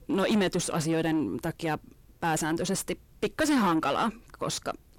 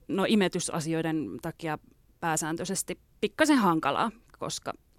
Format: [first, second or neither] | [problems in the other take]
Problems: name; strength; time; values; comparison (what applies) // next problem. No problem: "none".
second | distortion; heavy; 7 dB below the speech